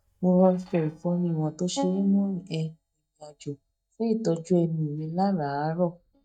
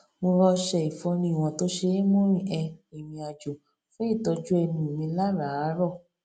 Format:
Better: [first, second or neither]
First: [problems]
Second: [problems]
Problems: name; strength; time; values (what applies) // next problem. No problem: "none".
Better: second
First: noise reduction (neural mask model DeepFilterNet 3)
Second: none